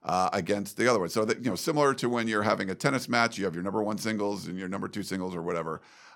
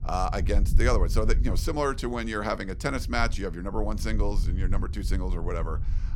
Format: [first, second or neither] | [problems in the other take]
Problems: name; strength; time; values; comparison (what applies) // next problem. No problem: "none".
first | low rumble; noticeable; throughout; 20 dB below the speech